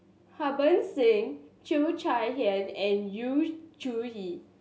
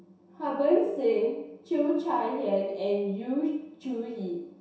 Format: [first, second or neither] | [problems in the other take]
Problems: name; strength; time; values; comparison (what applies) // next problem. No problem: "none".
first | room echo; dies away in 0.7 s